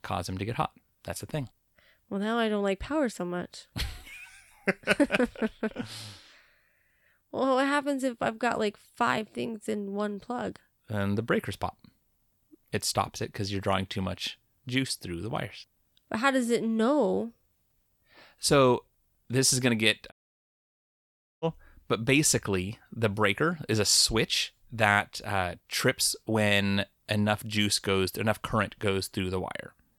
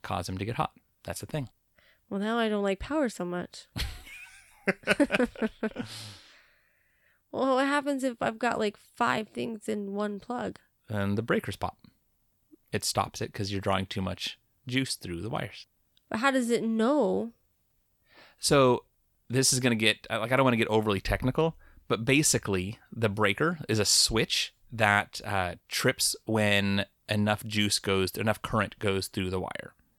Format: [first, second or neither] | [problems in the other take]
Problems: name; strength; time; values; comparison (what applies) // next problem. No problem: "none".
second | audio cutting out; at 20 s for 1.5 s